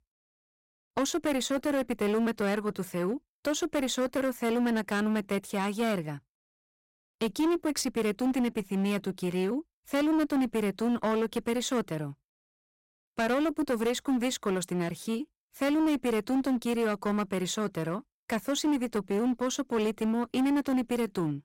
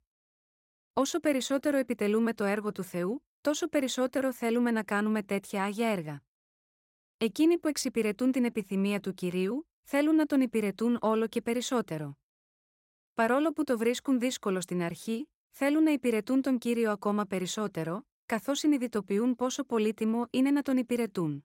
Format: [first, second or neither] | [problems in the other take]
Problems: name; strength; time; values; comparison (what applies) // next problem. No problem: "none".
second | distortion; slight; 13% of the sound clipped